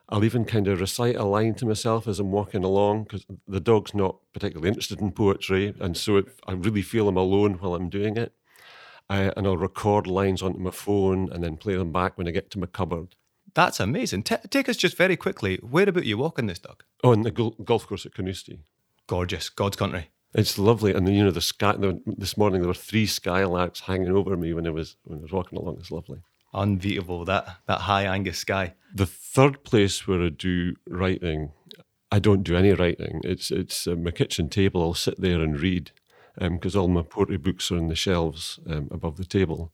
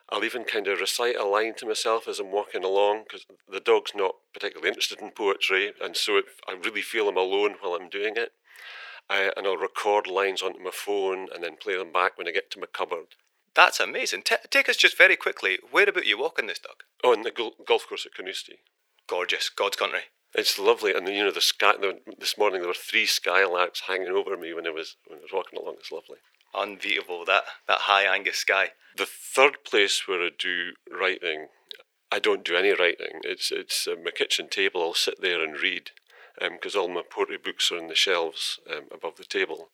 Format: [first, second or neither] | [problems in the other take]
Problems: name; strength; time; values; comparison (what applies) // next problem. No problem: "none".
first | thin; very; fading below 450 Hz